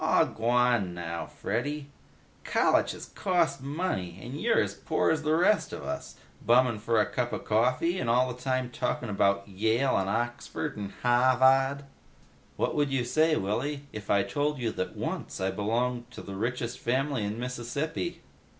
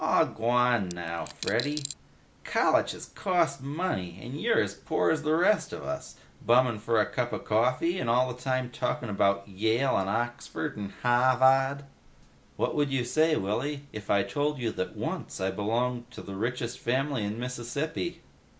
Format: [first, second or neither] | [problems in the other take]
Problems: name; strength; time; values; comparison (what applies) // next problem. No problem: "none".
first | background sound (Coin (dropping)); 11 dB below the speech